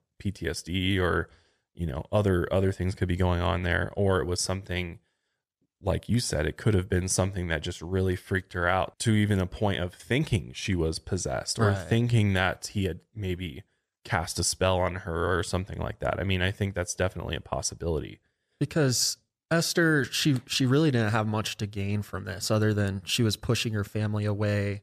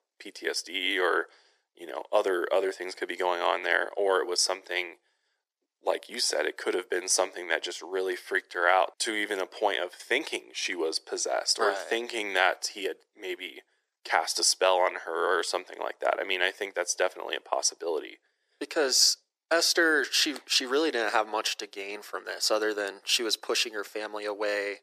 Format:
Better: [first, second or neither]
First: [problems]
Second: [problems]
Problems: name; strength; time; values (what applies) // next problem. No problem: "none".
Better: first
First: none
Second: thin; very; fading below 350 Hz